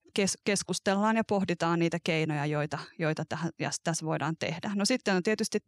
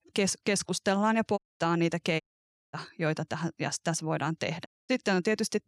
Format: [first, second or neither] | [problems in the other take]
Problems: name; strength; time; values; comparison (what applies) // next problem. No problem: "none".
first | audio cutting out; at 1.5 s, at 2 s for 0.5 s and at 4.5 s